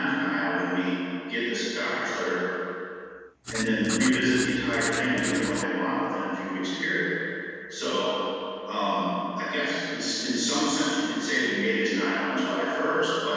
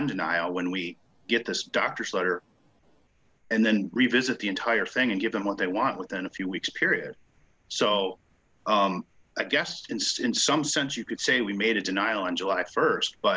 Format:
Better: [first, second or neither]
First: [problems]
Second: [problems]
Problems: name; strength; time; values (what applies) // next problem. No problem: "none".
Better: second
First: background sound (Writing); 8 dB below the speech // room echo; dies away in 2.1 s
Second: none